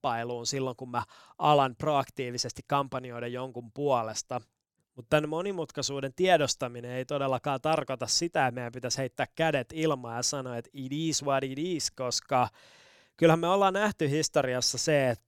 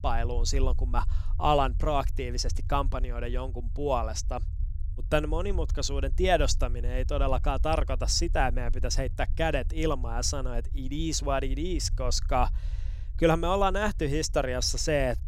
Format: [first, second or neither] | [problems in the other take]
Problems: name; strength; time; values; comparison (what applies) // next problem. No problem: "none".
first | low rumble; faint; throughout; 25 dB below the speech